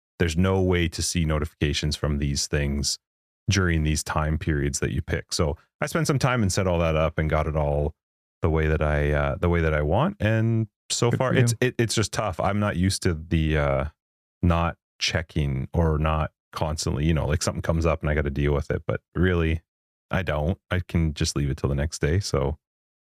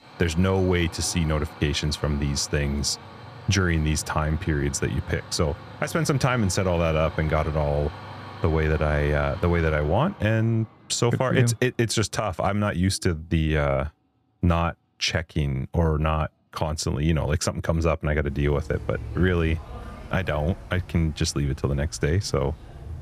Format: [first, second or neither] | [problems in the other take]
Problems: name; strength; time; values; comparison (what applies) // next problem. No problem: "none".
first | traffic noise; noticeable; throughout; 15 dB below the speech